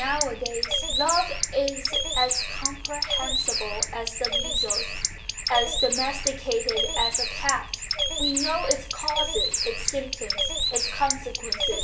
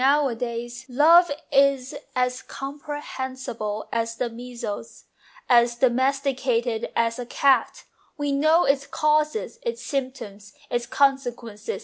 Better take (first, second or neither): second